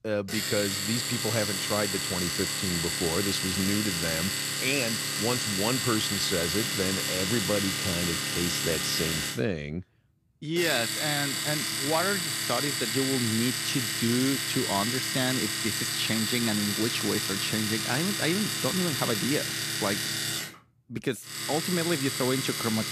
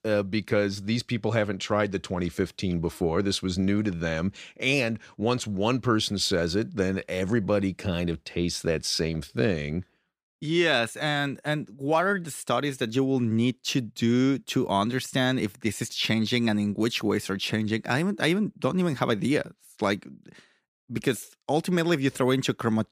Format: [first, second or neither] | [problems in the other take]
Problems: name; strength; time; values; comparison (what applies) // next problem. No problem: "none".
second | household noises; very loud; throughout; 2 dB above the speech